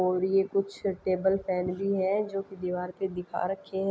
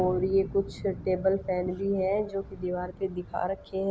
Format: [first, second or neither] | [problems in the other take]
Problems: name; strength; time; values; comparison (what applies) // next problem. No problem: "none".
first | background sound (Thunder); 14 dB below the speech